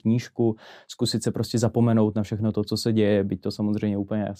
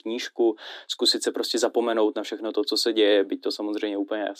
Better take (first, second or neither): first